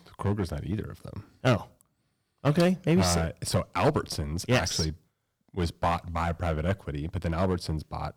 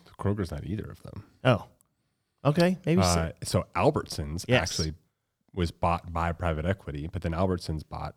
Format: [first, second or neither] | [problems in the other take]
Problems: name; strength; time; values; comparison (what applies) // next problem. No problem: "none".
second | distortion; slight; 4% of the sound clipped